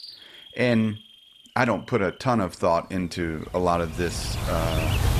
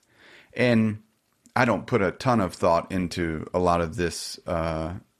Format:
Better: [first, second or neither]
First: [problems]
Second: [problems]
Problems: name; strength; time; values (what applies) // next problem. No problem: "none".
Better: second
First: animal sounds; loud; throughout; 4 dB below the speech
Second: none